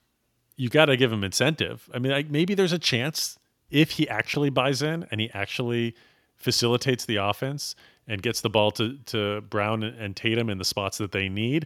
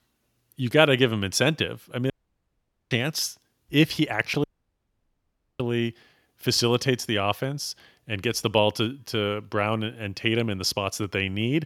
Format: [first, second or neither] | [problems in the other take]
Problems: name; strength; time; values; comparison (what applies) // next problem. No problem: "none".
first | audio cutting out; at 2 s for 1 s and at 4.5 s for 1 s